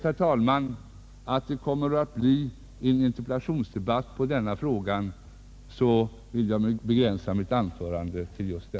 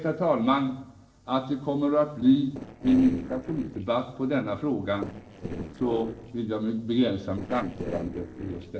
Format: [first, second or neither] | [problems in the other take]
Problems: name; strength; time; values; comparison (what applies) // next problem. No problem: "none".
first | noise reduction (neural separator model SepFormer DNS4)